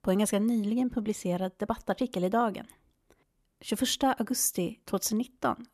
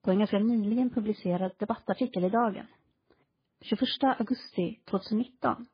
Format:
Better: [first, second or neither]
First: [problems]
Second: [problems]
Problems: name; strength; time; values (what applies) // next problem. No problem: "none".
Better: first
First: none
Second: garbled, watery; badly